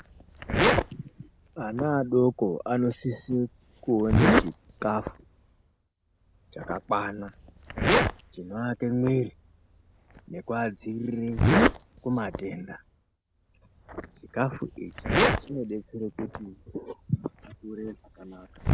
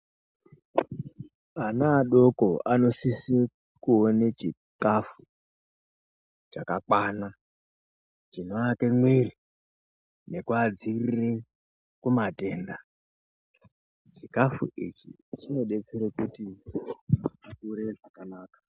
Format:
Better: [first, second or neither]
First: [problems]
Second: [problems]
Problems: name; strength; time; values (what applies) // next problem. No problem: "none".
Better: second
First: background sound (Zipper (clothing)); 1 dB above the speech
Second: none